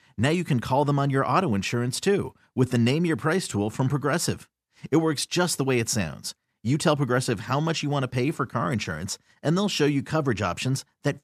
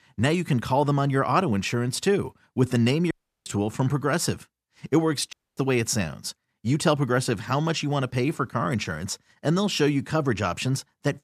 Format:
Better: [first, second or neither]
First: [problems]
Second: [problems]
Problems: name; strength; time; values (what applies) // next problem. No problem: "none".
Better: first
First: none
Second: audio cutting out; at 3 s and at 5.5 s